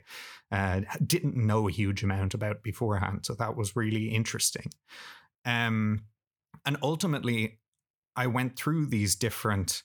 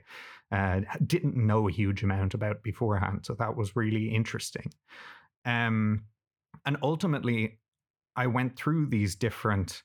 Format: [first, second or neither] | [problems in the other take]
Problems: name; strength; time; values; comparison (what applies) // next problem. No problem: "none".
first | muffled; slightly; fading above 4 kHz